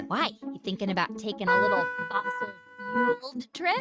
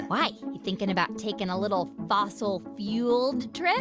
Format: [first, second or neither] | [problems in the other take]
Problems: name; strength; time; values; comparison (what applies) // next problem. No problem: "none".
second | noise reduction (neural mask model RNNoise)